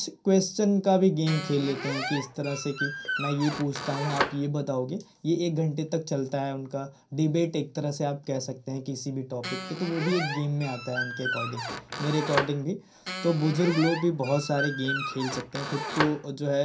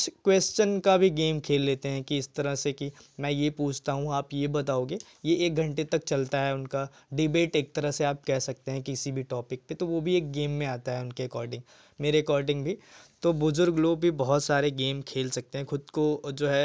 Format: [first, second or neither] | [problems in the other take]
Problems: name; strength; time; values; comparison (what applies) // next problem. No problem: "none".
second | background sound (Squeak); 6 dB below the speech // room echo; dies away in 0.3 s